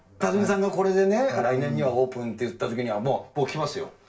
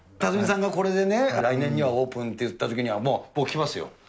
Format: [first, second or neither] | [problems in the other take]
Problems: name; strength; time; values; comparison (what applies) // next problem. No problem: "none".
second | room echo; dies away in 0.2 s